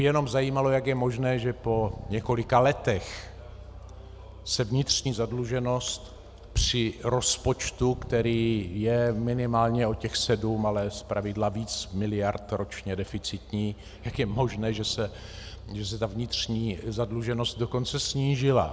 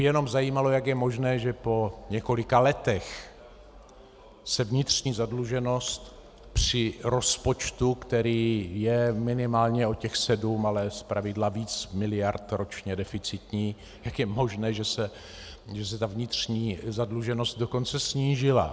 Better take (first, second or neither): second